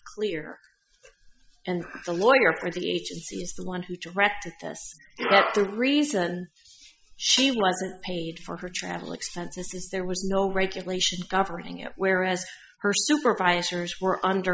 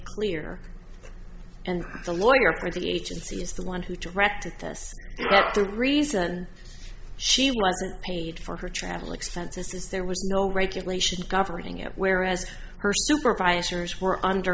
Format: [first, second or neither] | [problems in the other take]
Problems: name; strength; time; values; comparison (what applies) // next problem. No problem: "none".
second | noise reduction (classical method Wiener filter)